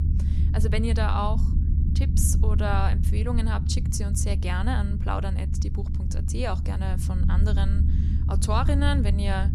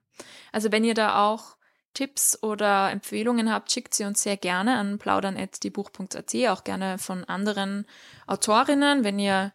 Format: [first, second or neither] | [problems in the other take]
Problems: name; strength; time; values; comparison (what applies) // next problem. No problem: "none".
second | low rumble; loud; throughout; 8 dB below the speech